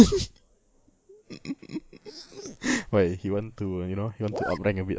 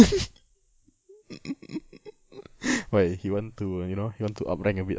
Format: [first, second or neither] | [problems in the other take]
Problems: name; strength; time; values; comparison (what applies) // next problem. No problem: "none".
second | noise reduction (neural mask model Resemble Enhance denoiser)